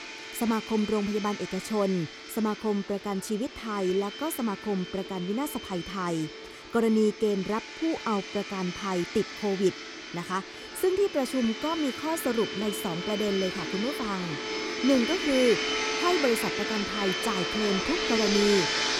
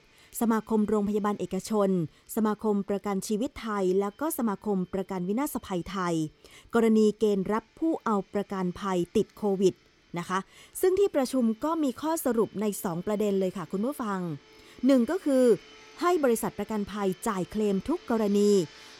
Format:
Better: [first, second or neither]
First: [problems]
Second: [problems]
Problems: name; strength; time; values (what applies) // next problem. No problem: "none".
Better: second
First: household noises; loud; throughout; 3 dB below the speech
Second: household noises; faint; throughout; 25 dB below the speech